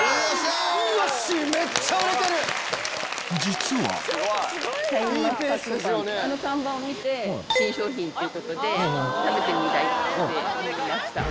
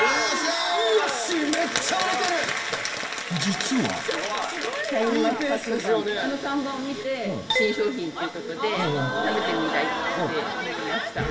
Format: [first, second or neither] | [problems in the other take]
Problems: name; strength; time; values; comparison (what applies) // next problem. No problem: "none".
first | room echo; dies away in 1.6 s